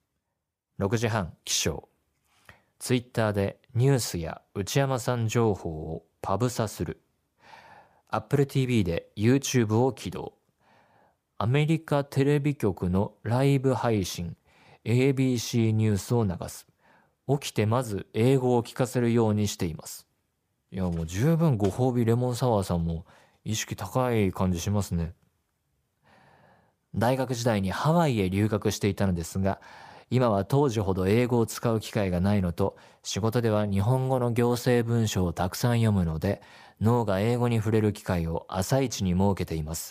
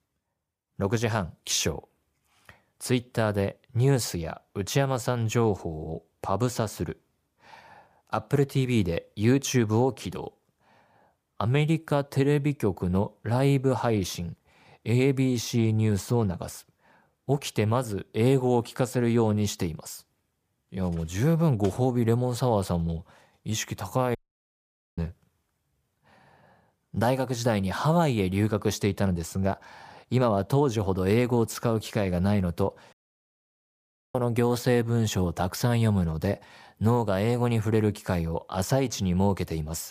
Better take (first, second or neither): first